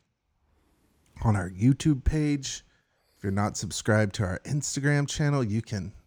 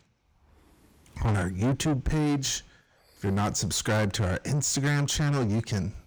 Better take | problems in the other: first | distortion; heavy; 6 dB below the speech

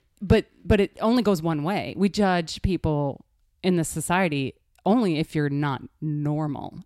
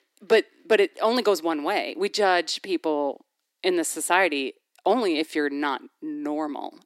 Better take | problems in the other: first | thin; somewhat; fading below 300 Hz

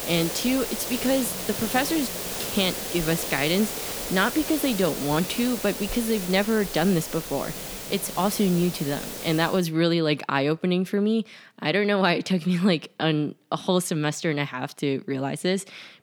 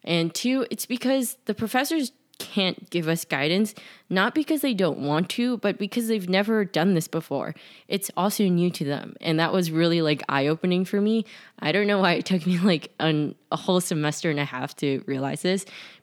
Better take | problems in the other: second | hiss; loud; until 9.5 s; 6 dB below the speech

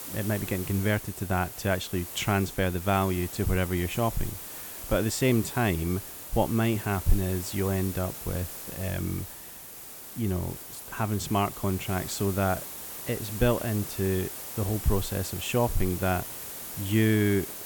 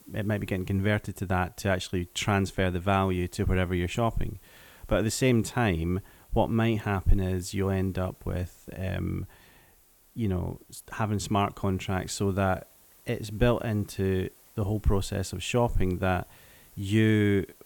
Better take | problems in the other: second | hiss; loud; throughout; 8 dB below the speech; faint in the second

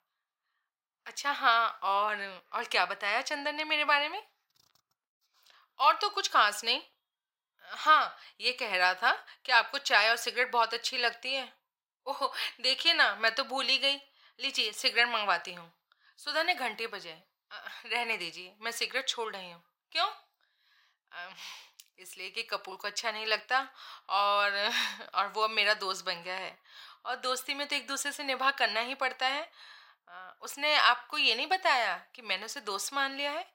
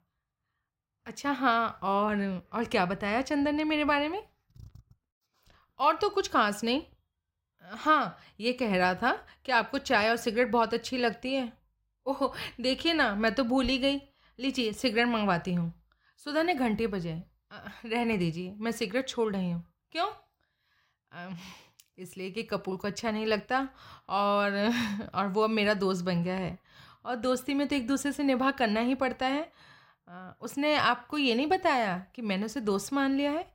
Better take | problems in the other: second | thin; very; fading below 900 Hz

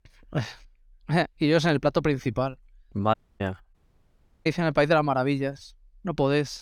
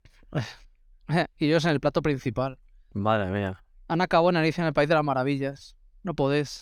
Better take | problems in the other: second | audio cutting out; at 3 s and at 3.5 s for 0.5 s

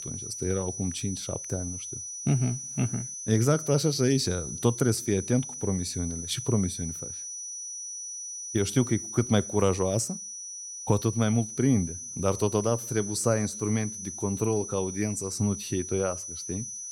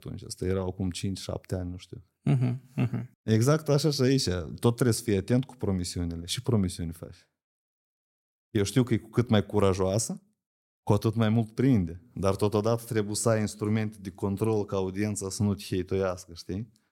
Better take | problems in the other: second | high-pitched whine; loud; throughout; 6 kHz, 7 dB below the speech

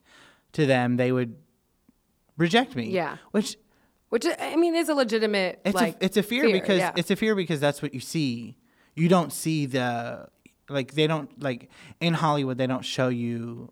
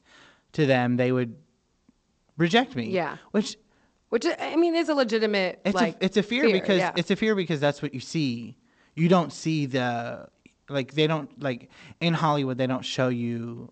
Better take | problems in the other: first | garbled, watery; slightly; nothing above 8 kHz

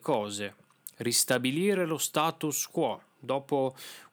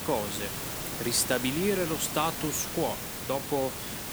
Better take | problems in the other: first | hiss; loud; throughout; 4 dB below the speech

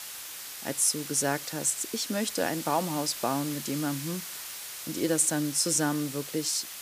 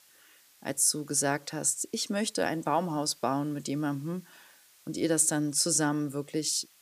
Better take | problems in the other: second | hiss; loud; throughout; 9 dB below the speech; faint in the second

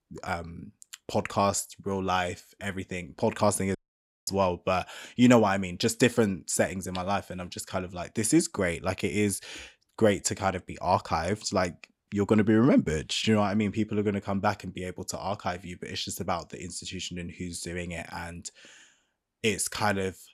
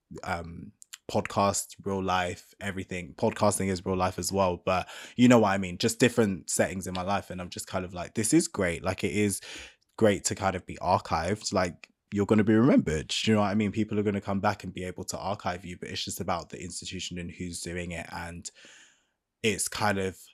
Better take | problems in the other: second | audio cutting out; at 4 s for 0.5 s

